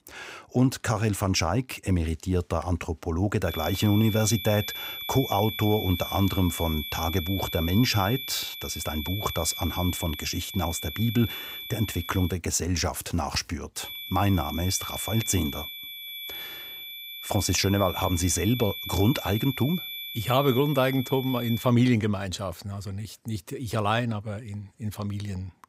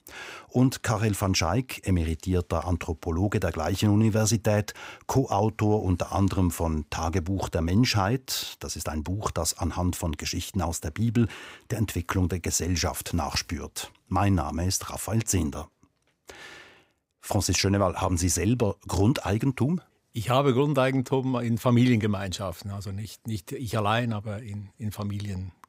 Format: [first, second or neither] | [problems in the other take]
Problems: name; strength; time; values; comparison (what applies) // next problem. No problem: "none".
second | high-pitched whine; loud; from 3.5 to 12 s and from 14 to 22 s; 3.5 kHz, 7 dB below the speech